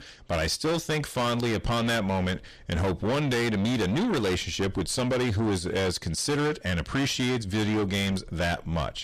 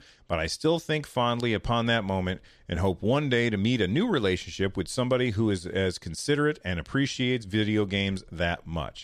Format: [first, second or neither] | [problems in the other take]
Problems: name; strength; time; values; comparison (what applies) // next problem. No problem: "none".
second | distortion; heavy; 6 dB below the speech